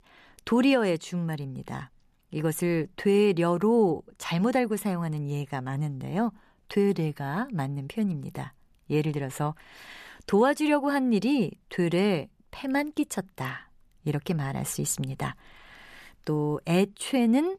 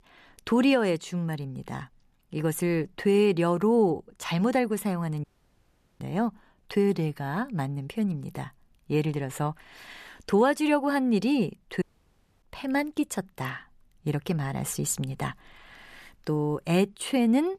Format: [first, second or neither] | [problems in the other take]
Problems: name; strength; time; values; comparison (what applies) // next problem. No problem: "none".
first | audio cutting out; at 5 s for 1 s and at 12 s for 0.5 s